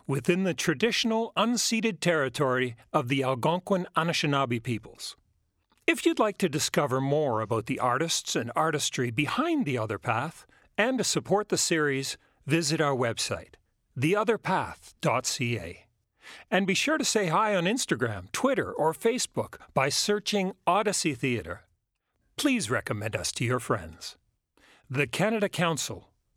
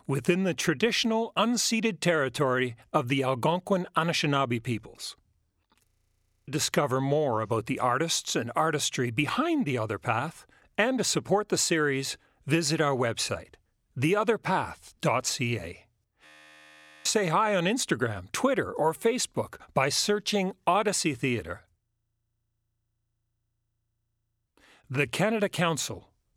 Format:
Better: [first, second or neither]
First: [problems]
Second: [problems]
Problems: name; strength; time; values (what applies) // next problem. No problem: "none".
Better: first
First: none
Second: audio freezing; at 6 s for 0.5 s, at 16 s for 1 s and at 22 s for 2.5 s